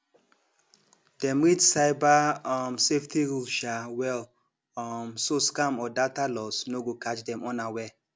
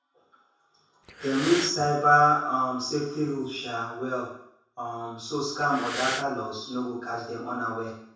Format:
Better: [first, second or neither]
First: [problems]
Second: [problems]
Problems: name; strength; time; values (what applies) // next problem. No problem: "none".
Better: first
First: none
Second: background sound (Breathing); 8 dB below the speech // room echo; dies away in 0.7 s